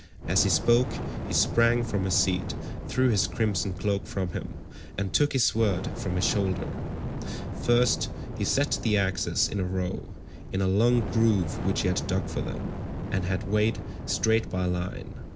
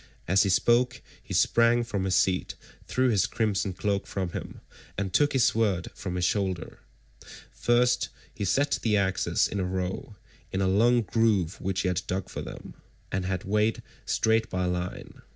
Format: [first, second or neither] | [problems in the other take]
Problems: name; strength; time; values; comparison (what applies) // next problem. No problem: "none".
second | background sound (Fire); 6 dB below the speech